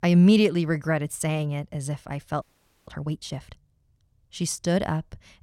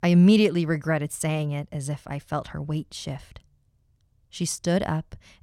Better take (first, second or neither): second